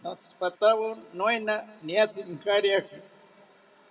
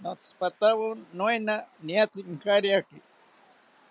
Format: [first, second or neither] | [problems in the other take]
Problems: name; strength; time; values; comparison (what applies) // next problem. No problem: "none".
second | room echo; dies away in 0.6 s